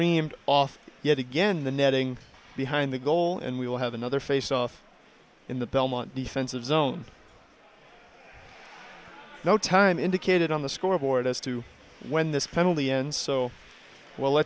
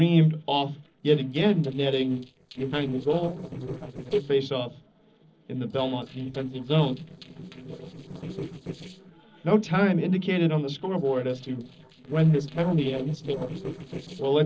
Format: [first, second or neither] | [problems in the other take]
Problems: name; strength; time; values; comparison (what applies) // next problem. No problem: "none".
first | noise reduction (neural separator model SepFormer DNS4)